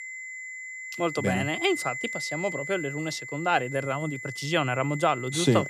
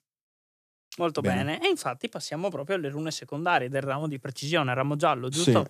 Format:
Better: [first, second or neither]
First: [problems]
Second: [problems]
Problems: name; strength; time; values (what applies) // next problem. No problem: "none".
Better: second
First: high-pitched whine; loud; throughout; 2 kHz, 7 dB below the speech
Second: none